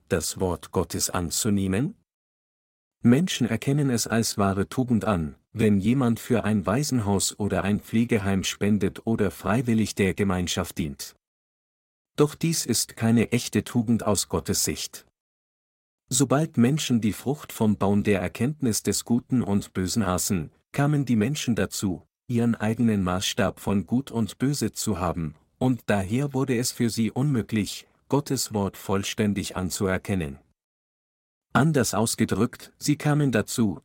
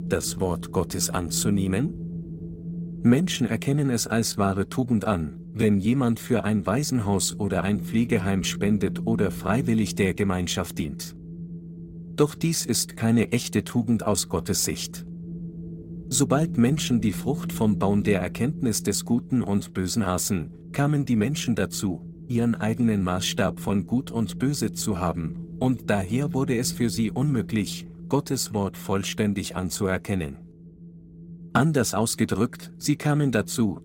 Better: first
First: none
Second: wind noise on the microphone; occasional gusts; 15 dB below the speech

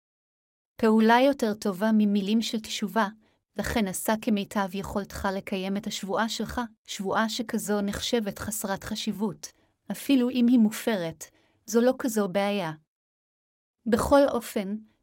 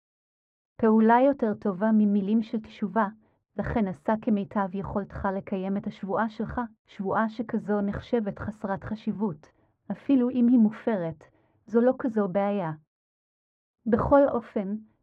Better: first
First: none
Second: muffled; very; fading above 1 kHz

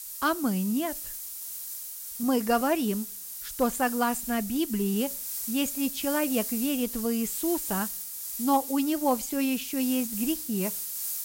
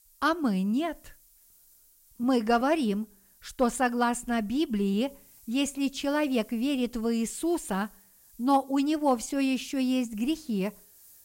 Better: second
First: hiss; loud; throughout; 5 dB below the speech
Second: hiss; faint; throughout; 25 dB below the speech

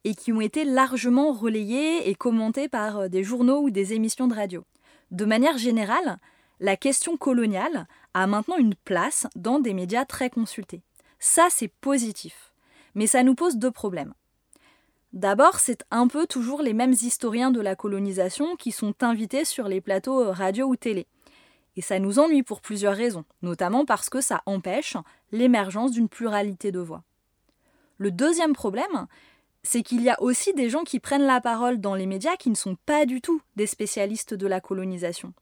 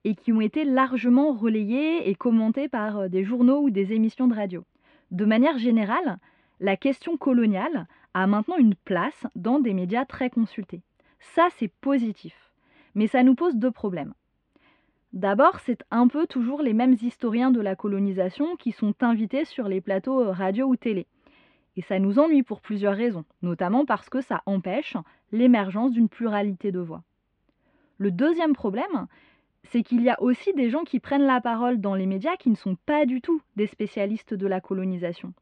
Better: first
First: none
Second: muffled; very; fading above 3 kHz

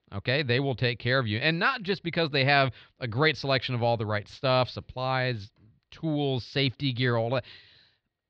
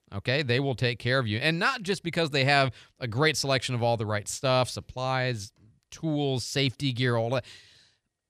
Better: second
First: muffled; very slightly; fading above 4 kHz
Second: none

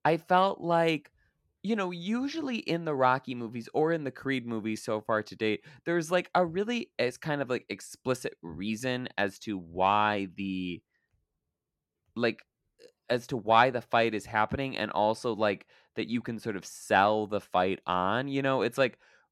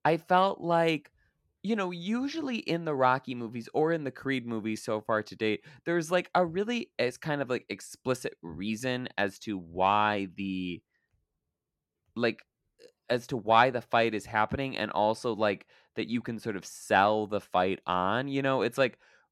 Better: neither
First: none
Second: none

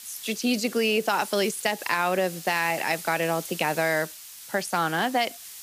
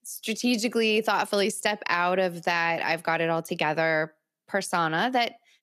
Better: second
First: hiss; noticeable; throughout; 15 dB below the speech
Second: none

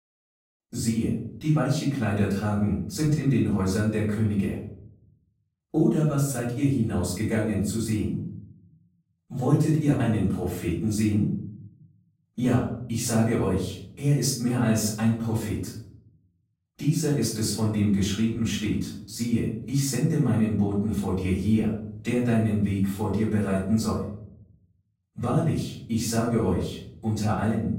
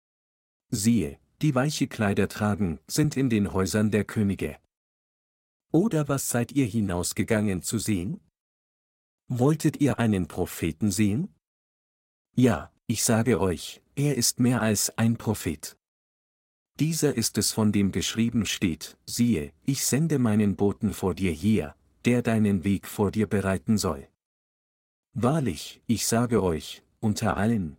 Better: second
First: room echo; noticeable; dies away in 0.6 s // off-mic speech; far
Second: none

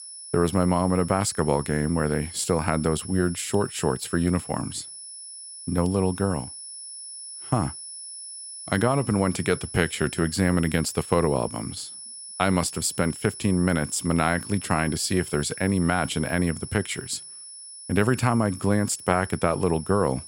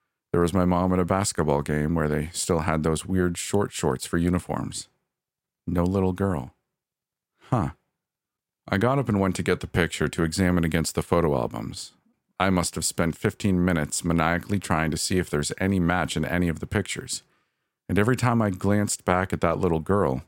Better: second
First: high-pitched whine; noticeable; throughout; 10 kHz, 10 dB below the speech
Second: none

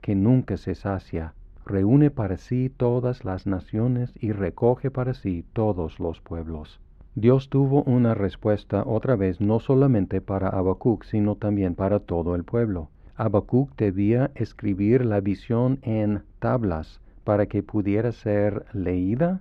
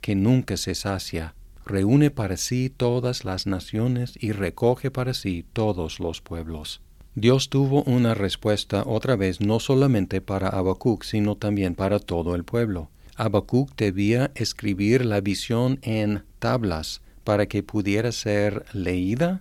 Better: second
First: muffled; very; fading above 3.5 kHz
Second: none

